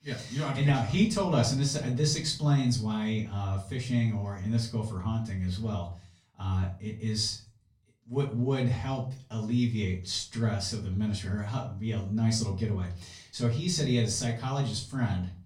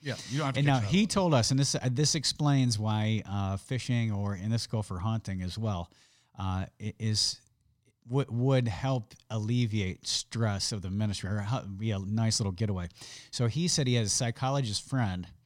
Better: second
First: room echo; slight; dies away in 0.3 s // off-mic speech; far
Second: none

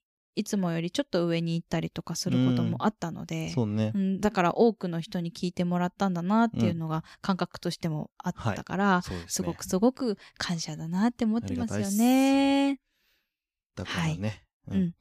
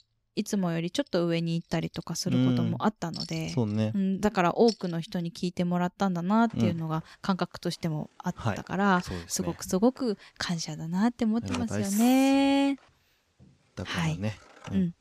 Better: first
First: none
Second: household noises; noticeable; throughout; 15 dB below the speech

